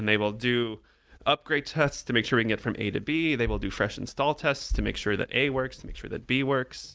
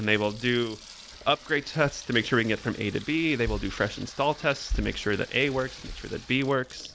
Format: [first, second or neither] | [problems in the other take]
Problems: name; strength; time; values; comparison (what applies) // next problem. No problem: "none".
first | background sound (Sink (filling or washing) / Water tap, faucet); 19 dB below the speech